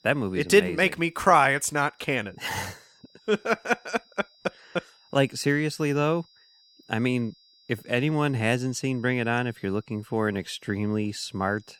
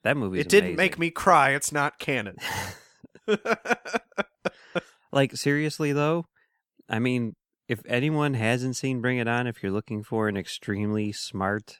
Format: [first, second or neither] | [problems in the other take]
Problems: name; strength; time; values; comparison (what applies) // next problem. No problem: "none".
second | high-pitched whine; faint; throughout; 5 kHz, 30 dB below the speech